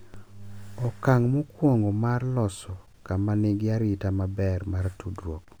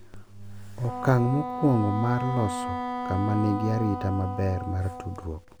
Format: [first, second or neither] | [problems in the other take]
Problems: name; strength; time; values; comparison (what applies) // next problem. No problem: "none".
first | background sound (Wind instrument, woodwind instrument); 7 dB below the speech